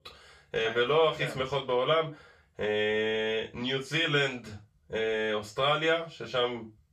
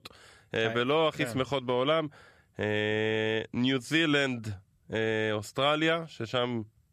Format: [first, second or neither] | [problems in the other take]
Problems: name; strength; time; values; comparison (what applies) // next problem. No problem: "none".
second | room echo; very slight; dies away in 0.3 s // off-mic speech; far